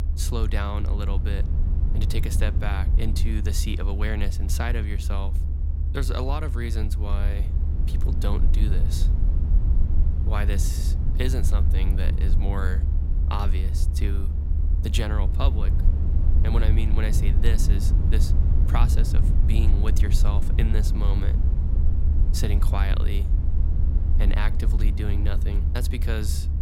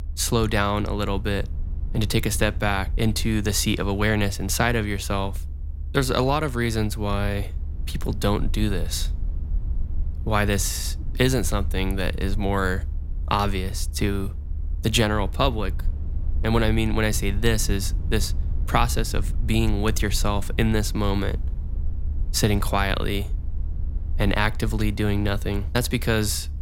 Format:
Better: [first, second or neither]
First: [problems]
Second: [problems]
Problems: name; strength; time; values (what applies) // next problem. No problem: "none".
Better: second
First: low rumble; loud; throughout; 6 dB below the speech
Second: low rumble; faint; throughout; 25 dB below the speech